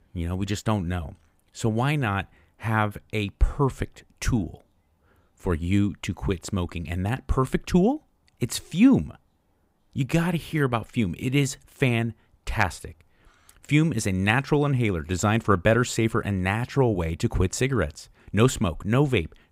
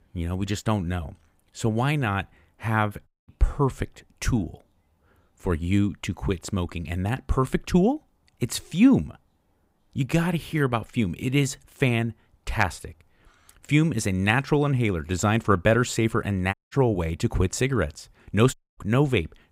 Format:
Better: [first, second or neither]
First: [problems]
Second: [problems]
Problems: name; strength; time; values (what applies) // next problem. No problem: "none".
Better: first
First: none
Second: audio cutting out; at 3 s, at 17 s and at 19 s